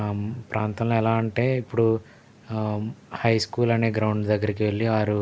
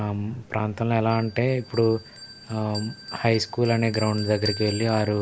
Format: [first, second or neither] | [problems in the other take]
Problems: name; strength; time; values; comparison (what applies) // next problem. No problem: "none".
first | background sound (Bell); 15 dB below the speech